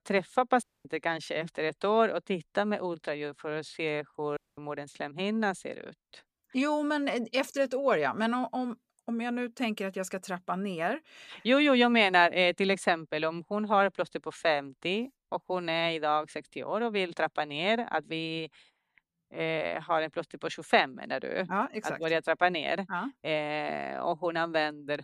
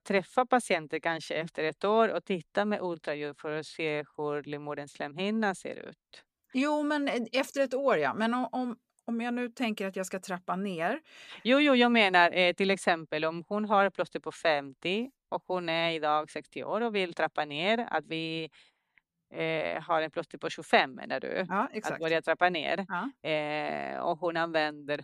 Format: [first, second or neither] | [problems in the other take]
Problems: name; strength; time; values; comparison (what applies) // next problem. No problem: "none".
second | audio cutting out; at 0.5 s and at 4.5 s